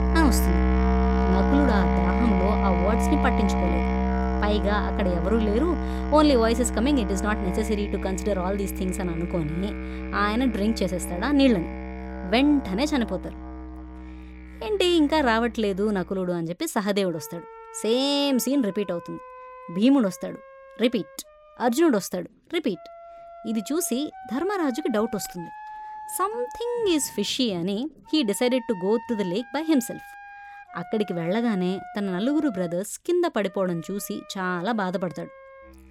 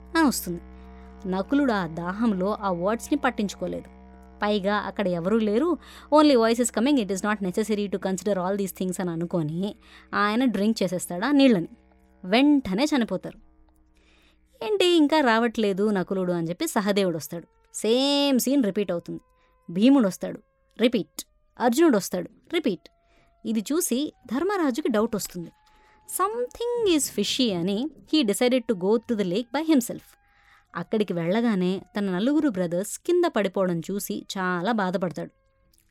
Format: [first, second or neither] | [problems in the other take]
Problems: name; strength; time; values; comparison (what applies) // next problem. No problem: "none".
second | background music; loud; throughout; 3 dB below the speech; faint in the second